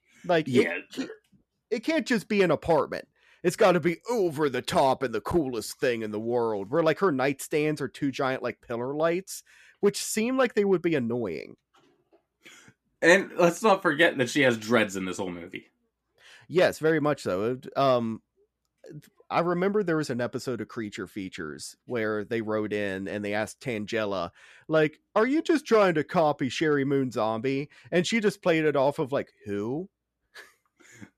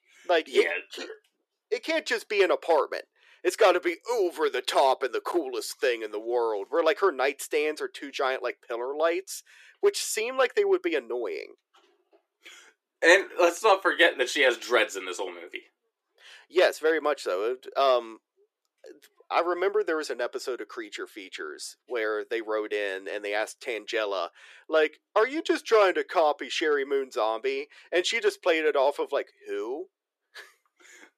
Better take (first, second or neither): first